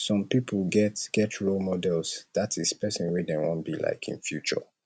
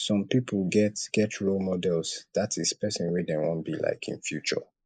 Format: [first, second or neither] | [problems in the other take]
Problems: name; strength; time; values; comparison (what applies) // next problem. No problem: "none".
first | noise reduction (neural mask model Resemble Enhance denoiser)